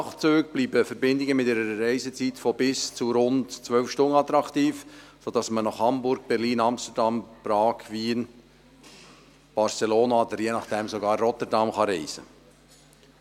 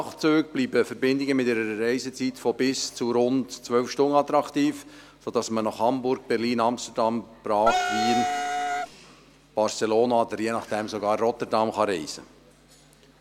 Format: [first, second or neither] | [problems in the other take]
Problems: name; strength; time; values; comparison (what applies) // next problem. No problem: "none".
first | background sound (Wind instrument, woodwind instrument); as loud as the speech